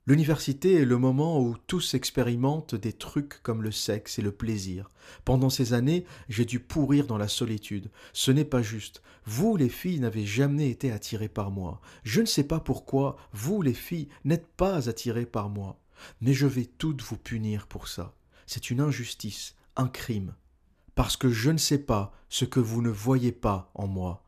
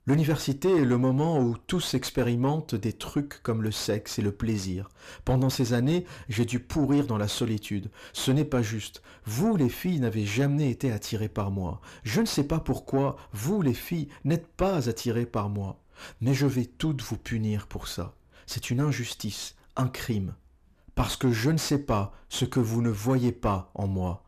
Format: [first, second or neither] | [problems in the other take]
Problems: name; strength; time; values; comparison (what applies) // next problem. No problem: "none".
first | distortion; slight; 10 dB below the speech